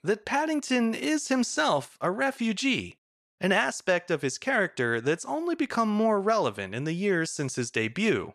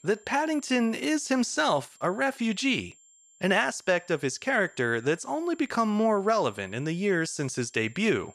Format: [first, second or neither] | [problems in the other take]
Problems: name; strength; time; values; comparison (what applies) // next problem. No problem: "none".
first | high-pitched whine; faint; throughout; 7.5 kHz, 30 dB below the speech